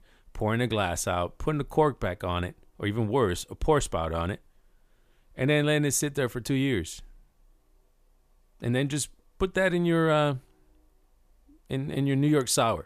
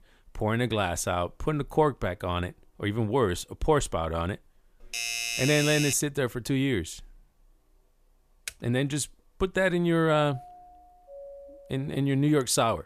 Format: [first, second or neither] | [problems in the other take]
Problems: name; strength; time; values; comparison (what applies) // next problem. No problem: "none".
first | doorbell; noticeable; from 5 to 6 s; peak 1 dB below the speech // keyboard typing; very faint; at 8.5 s; peak 15 dB below the speech // doorbell; faint; from 10 to 12 s; peak 15 dB below the speech